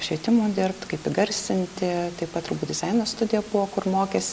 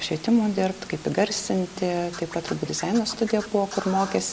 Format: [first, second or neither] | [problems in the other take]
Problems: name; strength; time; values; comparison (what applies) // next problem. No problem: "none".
first | background sound (Scratching (performance technique)); 16 dB below the speech